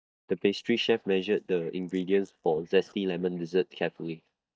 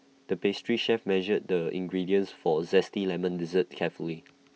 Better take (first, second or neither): second